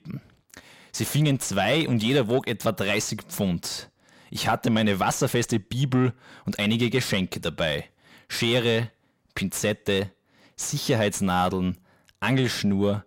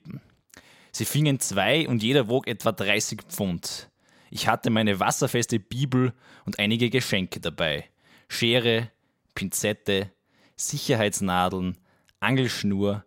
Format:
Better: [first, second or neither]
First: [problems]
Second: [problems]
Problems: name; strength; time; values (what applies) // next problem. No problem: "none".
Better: second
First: distortion; slight; 10 dB below the speech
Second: none